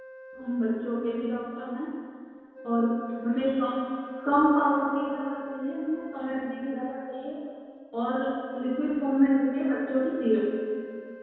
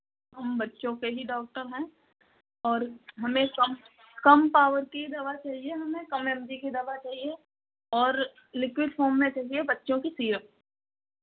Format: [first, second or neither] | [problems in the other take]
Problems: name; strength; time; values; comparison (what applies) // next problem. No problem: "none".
second | background sound (Wind instrument, woodwind instrument); 18 dB below the speech // room echo; dies away in 2.2 s